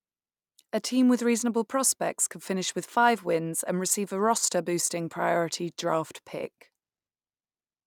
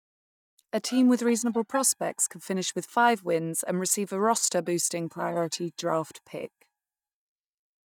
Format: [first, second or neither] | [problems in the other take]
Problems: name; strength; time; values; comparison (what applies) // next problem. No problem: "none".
first | noise reduction (neural mask model DeepFilterNet 3)